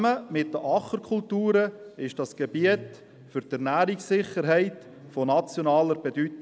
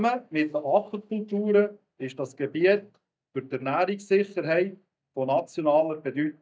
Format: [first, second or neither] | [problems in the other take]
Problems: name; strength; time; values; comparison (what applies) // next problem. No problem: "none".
first | noise reduction (neural mask model DeepFilterNet 3)